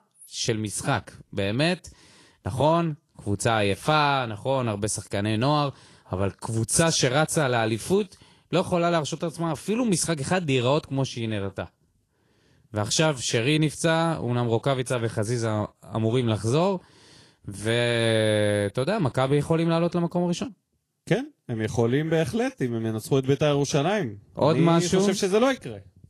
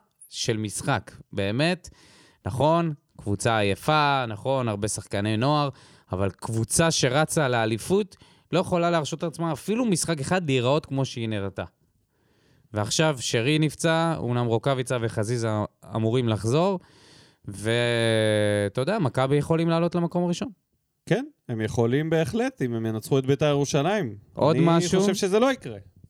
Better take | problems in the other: second | garbled, watery; slightly

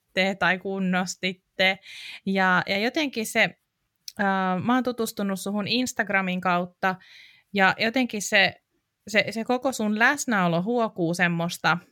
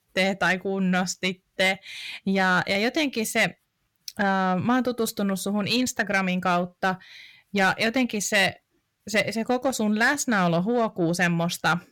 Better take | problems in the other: first | distortion; slight; 10 dB below the speech

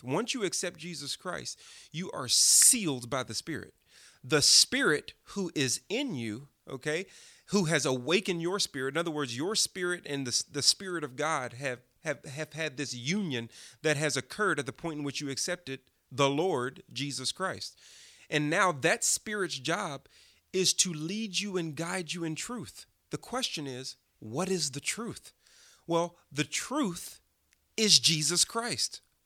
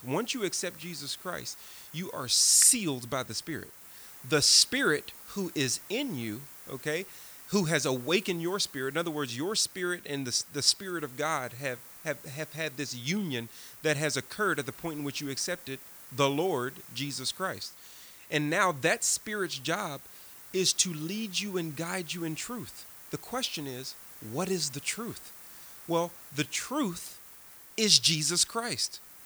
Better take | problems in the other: first | hiss; noticeable; throughout; 20 dB below the speech

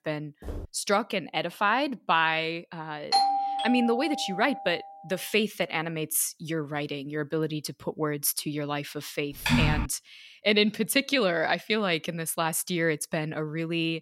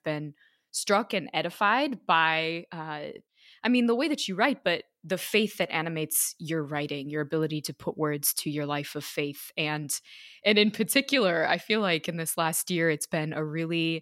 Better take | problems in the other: second | footsteps; faint; at 0.5 s; peak 10 dB below the speech // doorbell; loud; from 3 to 4.5 s; peak 4 dB above the speech // keyboard typing; loud; at 9.5 s; peak 3 dB above the speech

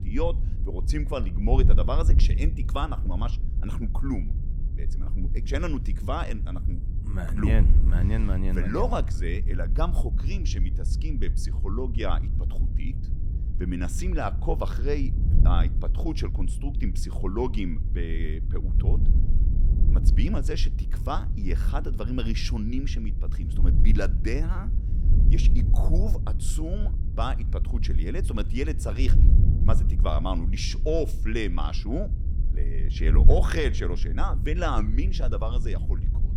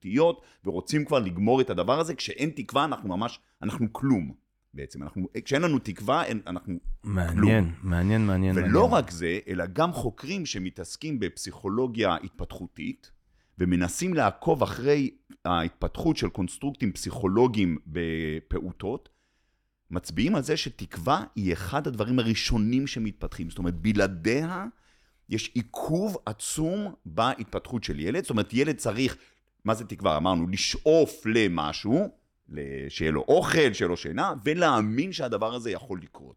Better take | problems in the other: second | wind noise on the microphone; occasional gusts; 10 dB below the speech

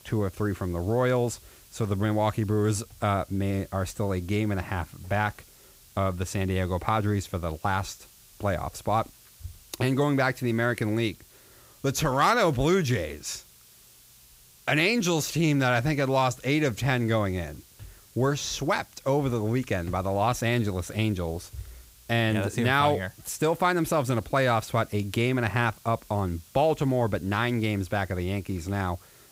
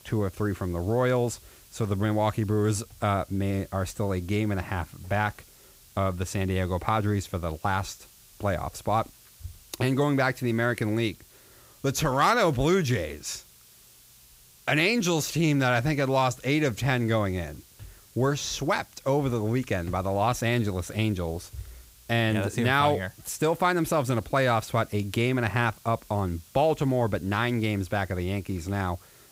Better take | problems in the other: neither | hiss; faint; throughout; 25 dB below the speech; the same in both

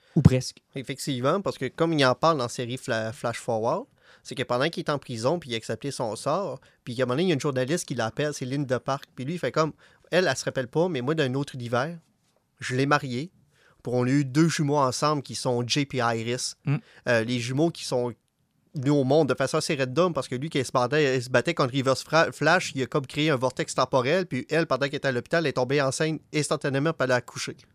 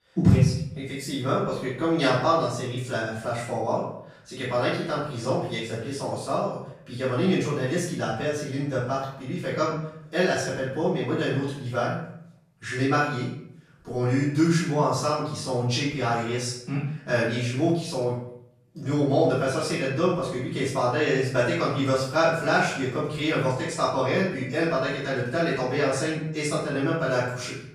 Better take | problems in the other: first | off-mic speech; far // room echo; noticeable; dies away in 0.6 s

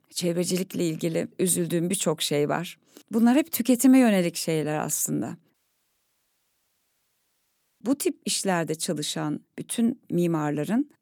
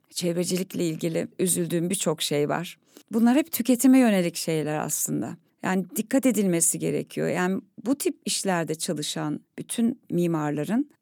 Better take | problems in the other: second | audio cutting out; at 5.5 s for 2.5 s

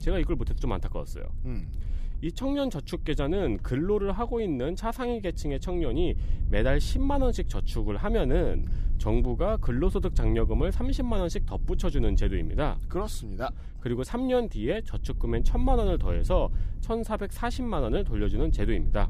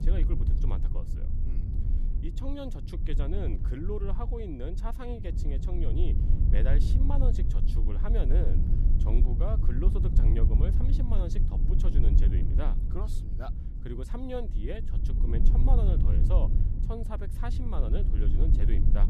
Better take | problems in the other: first | low rumble; loud; throughout; 4 dB below the speech; faint in the first

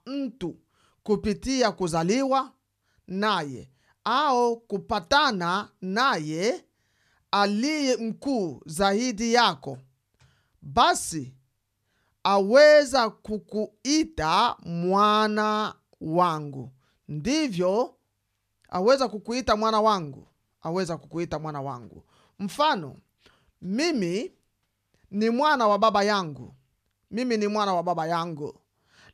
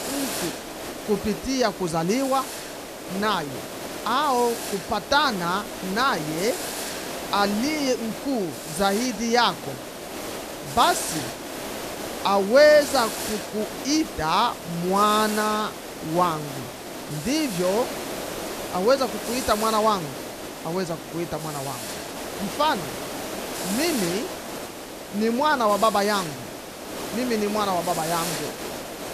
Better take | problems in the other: first | hiss; loud; throughout; 8 dB below the speech

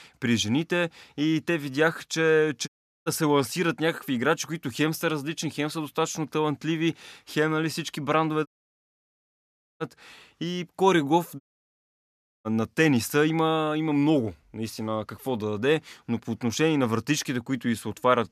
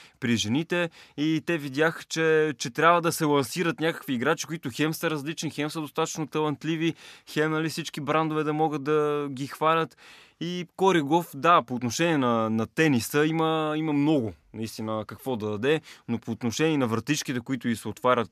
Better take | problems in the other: second | audio cutting out; at 2.5 s, at 8.5 s for 1.5 s and at 11 s for 1 s

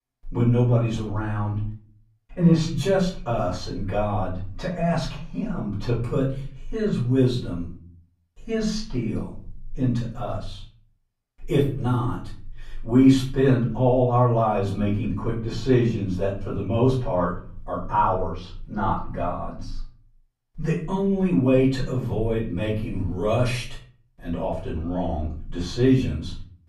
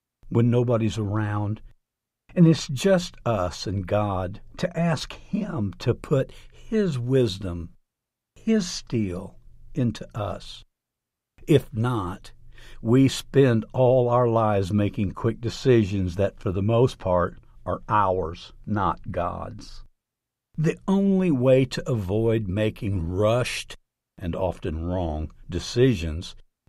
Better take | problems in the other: second | off-mic speech; far // room echo; slight; dies away in 0.4 s

